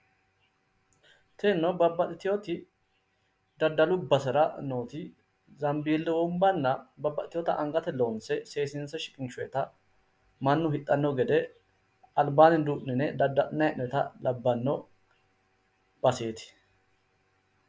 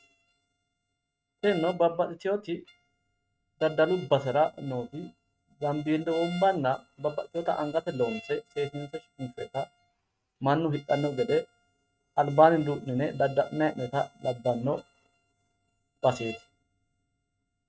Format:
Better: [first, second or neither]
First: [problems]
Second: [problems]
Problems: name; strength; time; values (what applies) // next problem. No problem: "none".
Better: first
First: none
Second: noise reduction (neural mask model RNNoise)